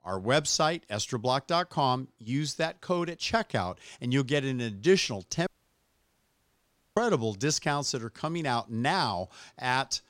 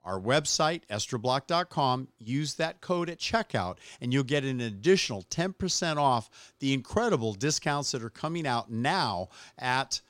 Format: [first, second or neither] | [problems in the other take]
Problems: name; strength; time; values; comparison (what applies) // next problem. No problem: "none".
second | audio cutting out; at 5.5 s for 1.5 s